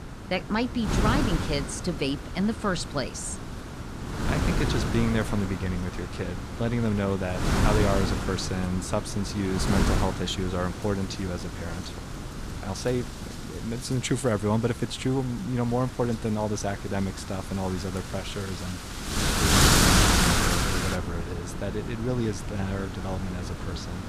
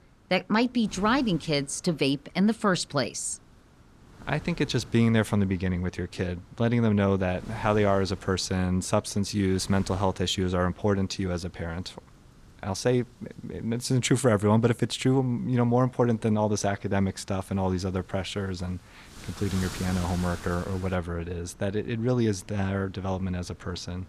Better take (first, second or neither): second